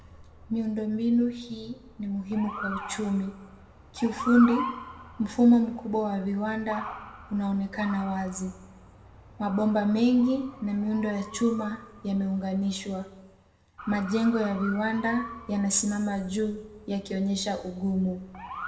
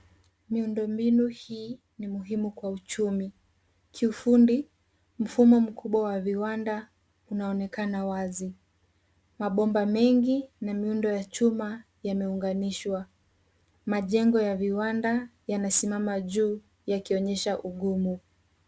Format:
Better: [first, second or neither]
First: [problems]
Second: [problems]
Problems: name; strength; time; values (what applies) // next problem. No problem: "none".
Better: second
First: background sound (Motor vehicle (road) / Siren); 14 dB below the speech // room echo; dies away in 0.7 s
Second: none